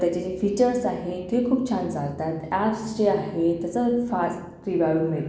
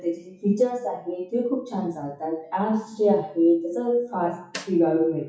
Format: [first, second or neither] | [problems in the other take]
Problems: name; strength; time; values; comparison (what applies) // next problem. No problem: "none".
first | noise reduction (classical method WPE with log-MMSE)